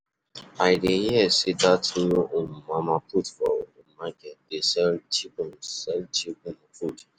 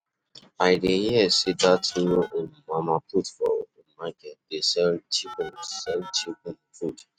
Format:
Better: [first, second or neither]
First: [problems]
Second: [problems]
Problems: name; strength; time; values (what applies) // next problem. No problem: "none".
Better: first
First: none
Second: noise reduction (neural mask model RNNoise)